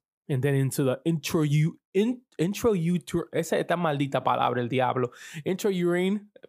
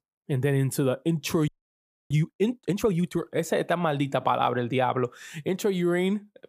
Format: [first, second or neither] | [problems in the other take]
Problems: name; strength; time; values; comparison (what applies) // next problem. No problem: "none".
first | audio freezing; at 1.5 s for 0.5 s